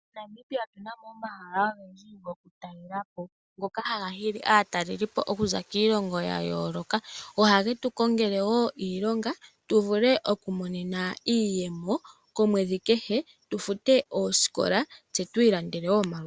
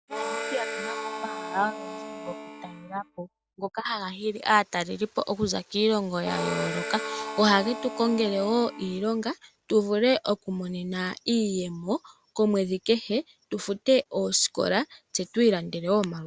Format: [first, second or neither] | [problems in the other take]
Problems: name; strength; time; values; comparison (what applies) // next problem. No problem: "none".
first | background sound (Harmonica); 8 dB below the speech